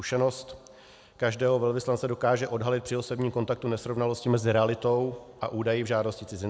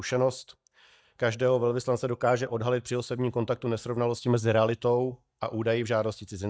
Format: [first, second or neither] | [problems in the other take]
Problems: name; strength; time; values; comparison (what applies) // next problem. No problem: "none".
first | noise reduction (neural mask model DeepFilterNet 3)